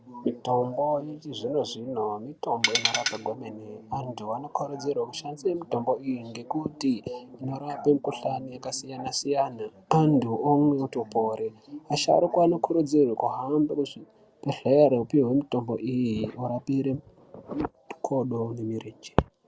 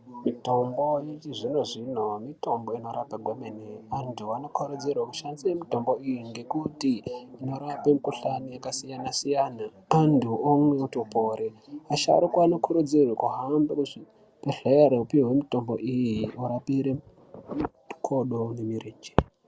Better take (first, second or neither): second